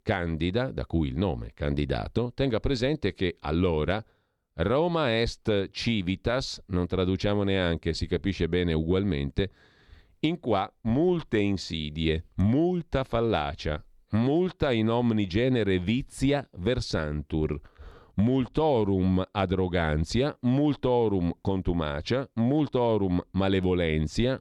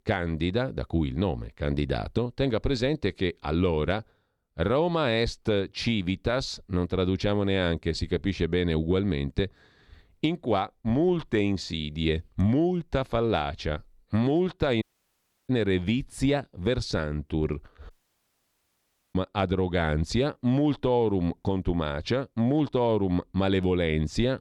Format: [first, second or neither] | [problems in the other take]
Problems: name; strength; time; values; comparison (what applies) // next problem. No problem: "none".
first | audio cutting out; at 15 s for 0.5 s and at 18 s for 1 s